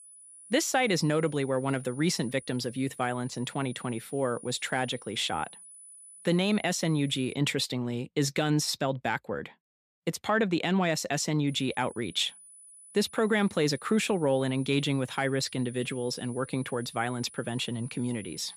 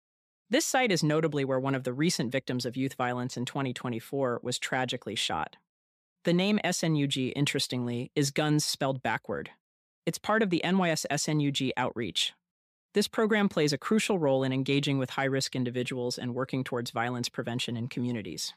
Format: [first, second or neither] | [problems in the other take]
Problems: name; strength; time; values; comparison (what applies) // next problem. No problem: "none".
second | high-pitched whine; noticeable; until 7.5 s and from 11 s on; 10 kHz, 20 dB below the speech